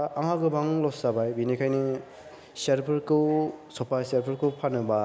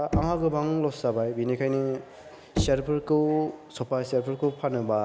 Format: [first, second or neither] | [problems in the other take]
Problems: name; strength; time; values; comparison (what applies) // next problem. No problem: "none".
first | background sound (Knock); 9 dB below the speech